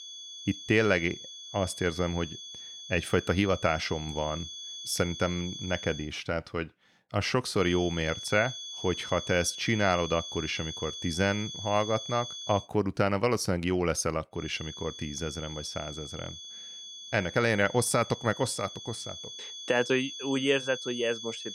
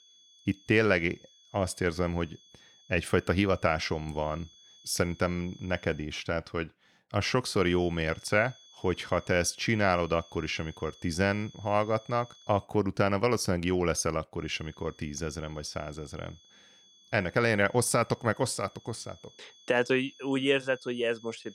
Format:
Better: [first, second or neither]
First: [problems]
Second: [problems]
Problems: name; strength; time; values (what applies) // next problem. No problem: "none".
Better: second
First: high-pitched whine; loud; until 6 s, from 7.5 to 13 s and from 14 s on; 3.5 kHz, 10 dB below the speech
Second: high-pitched whine; faint; until 6 s, from 7.5 to 13 s and from 14 s on; 3.5 kHz, 25 dB below the speech